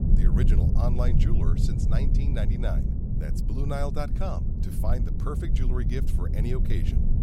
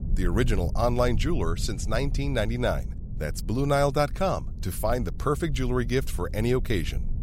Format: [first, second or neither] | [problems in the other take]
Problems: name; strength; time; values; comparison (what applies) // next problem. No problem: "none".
second | low rumble; loud; throughout; 2 dB below the speech; faint in the second